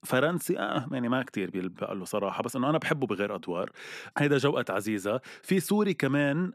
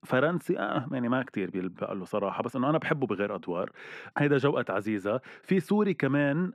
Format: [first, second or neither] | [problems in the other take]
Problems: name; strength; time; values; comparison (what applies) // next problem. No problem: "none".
first | muffled; slightly; fading above 4 kHz